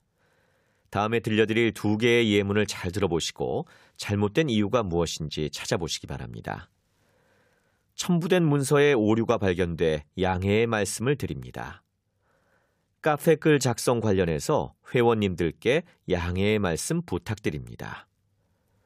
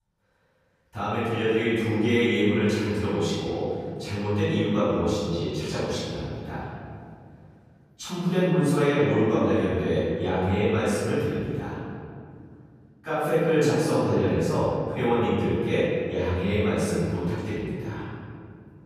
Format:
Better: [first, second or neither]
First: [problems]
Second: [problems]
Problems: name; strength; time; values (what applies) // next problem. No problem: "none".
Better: first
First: none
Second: off-mic speech; far // room echo; strong; dies away in 2.4 s